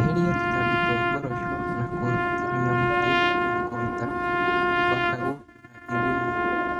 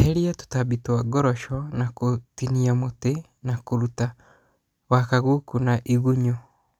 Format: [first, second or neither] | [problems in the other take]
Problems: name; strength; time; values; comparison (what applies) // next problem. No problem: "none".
second | noise reduction (neural mask model RNNoise)